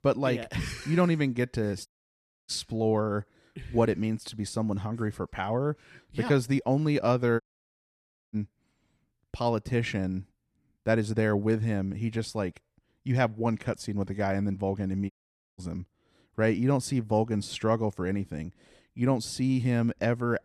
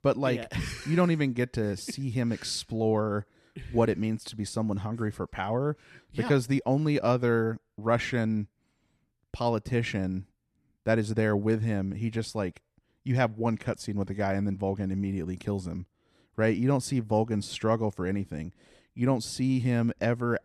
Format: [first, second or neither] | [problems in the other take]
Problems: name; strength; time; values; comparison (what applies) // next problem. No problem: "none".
second | audio cutting out; at 2 s for 0.5 s, at 7.5 s for 1 s and at 15 s